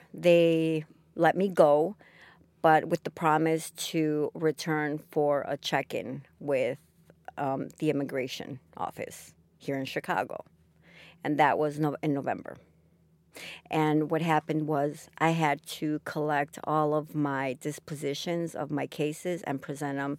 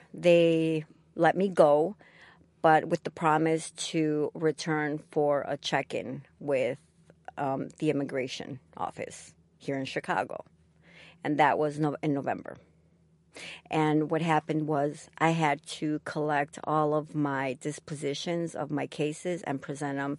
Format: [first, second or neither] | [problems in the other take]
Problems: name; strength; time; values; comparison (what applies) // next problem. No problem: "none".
first | garbled, watery; slightly; nothing above 11 kHz